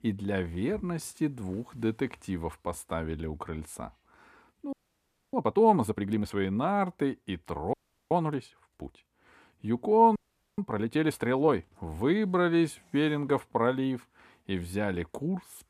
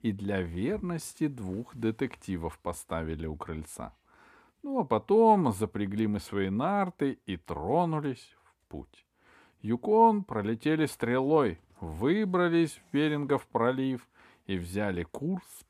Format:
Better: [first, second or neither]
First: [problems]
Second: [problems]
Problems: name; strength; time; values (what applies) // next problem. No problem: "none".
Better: second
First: audio freezing; at 4.5 s for 0.5 s, at 7.5 s and at 10 s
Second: none